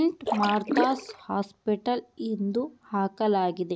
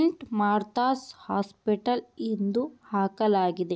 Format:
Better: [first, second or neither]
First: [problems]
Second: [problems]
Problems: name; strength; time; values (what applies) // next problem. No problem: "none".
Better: second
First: background sound (Splash, splatter); 2 dB below the speech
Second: none